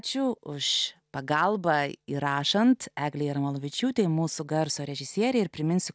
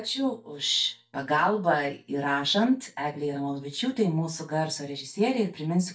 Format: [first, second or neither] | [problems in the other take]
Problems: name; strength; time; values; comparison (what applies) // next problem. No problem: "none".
first | noise reduction (neural mask model DeepFilterNet 3)